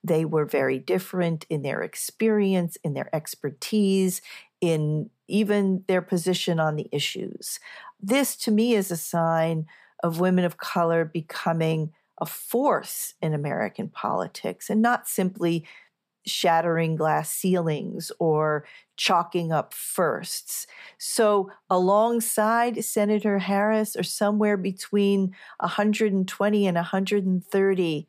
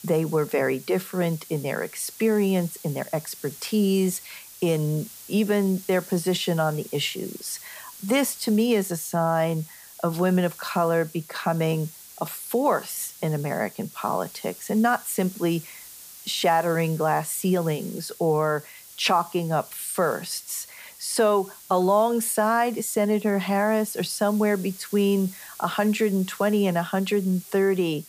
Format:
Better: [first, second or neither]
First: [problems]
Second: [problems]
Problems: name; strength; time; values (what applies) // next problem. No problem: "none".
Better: first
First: none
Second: hiss; noticeable; throughout; 15 dB below the speech